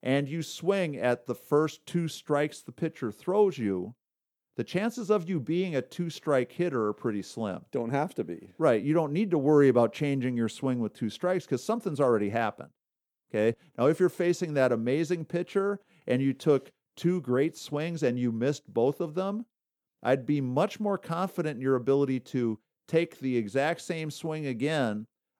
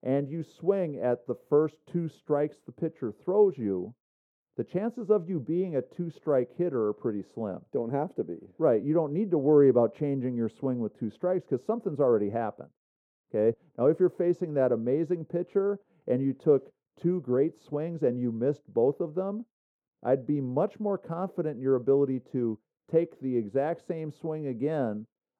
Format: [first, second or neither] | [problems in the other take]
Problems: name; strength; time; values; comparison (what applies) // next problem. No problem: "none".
first | muffled; very; fading above 1.5 kHz